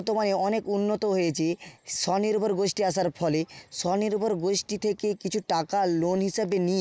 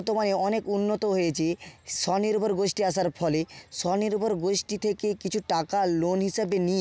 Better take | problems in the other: second | noise reduction (neural mask model Resemble Enhance denoiser)

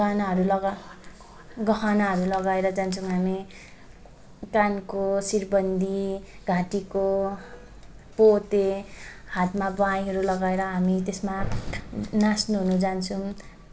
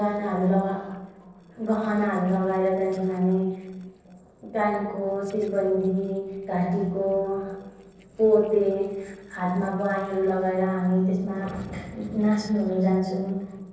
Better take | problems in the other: first | noise reduction (neural separator model SepFormer DNS4)

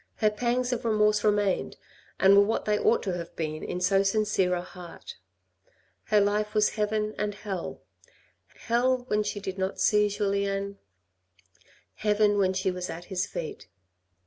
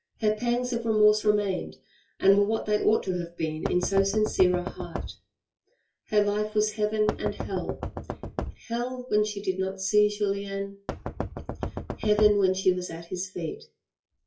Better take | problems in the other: first | noise reduction (classical method WPE with log-MMSE)

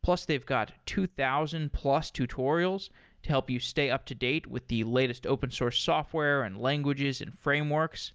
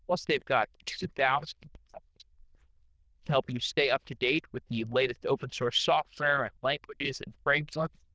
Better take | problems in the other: first | noise reduction (neural diffusion model UNIVERSE++)

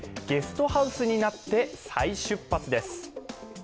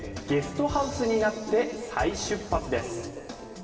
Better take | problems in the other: first | room echo; dies away in 2.6 s

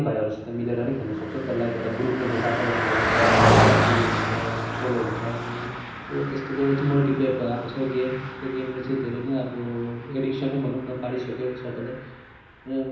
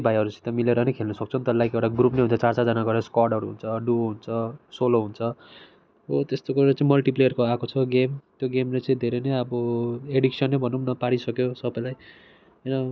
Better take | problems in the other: second | background sound (Car passing by); as loud as the speech // room echo; dies away in 0.9 s

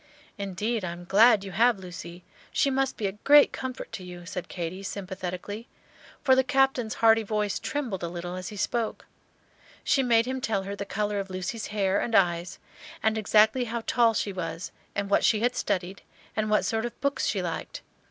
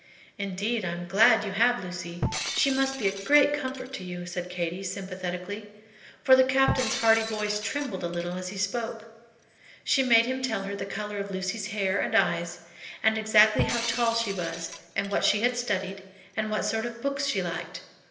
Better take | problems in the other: first | background sound (Shatter); 9 dB below the speech // room echo; dies away in 1.4 s

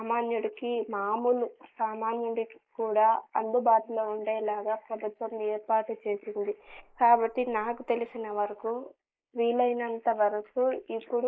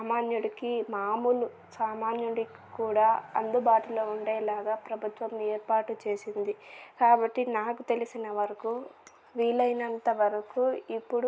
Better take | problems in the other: second | noise reduction (neural mask model Resemble Enhance denoiser)

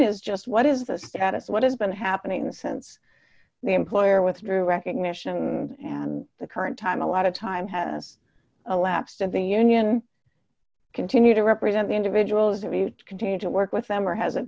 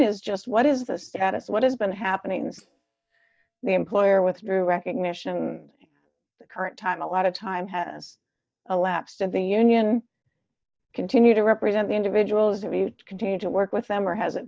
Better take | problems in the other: first | noise reduction (neural mask model DeepFilterNet 3)

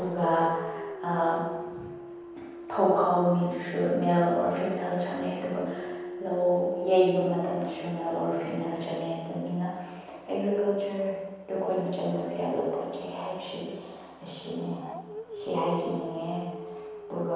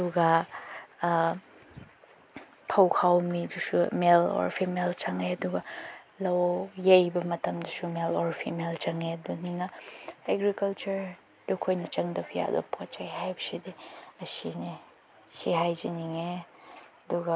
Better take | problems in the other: second | background sound (Dog); 14 dB below the speech // room echo; dies away in 1.2 s

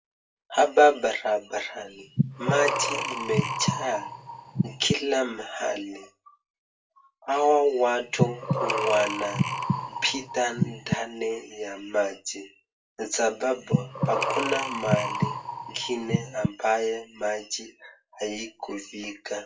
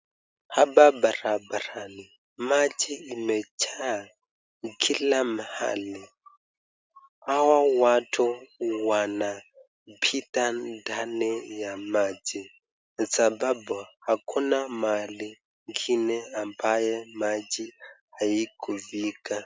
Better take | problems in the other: second | background sound (Breathing); as loud as the speech // room echo; dies away in 0.2 s

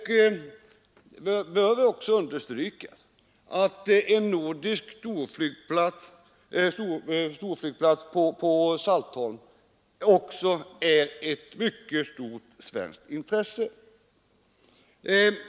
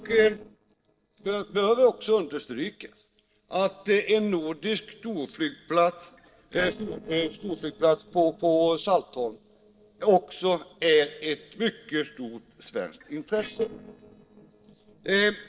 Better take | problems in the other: first | noise reduction (neural separator model SepFormer DNS4)

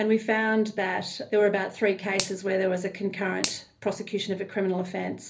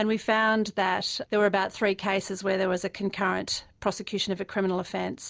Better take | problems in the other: second | background sound (Finger snapping); 11 dB below the speech // room echo; dies away in 0.3 s

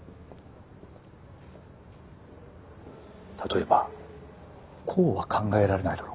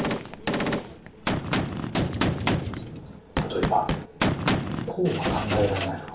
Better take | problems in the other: first | background sound (Gunshot, gunfire); 4 dB above the speech // room echo; dies away in 0.4 s

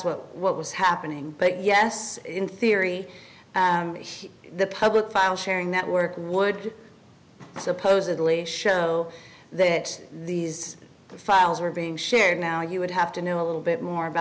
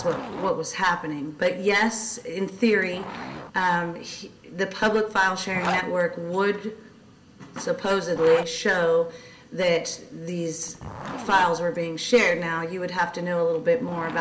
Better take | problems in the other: first | background sound (Zipper (clothing)); 15 dB below the speech // room echo; dies away in 0.4 s

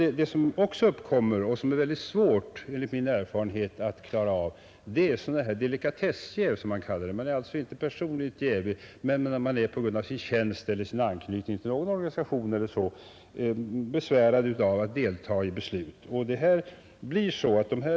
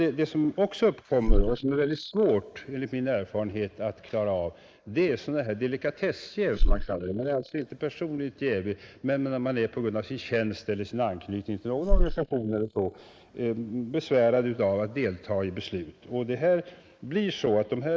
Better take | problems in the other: first | noise reduction (neural mask model Resemble Enhance denoiser)

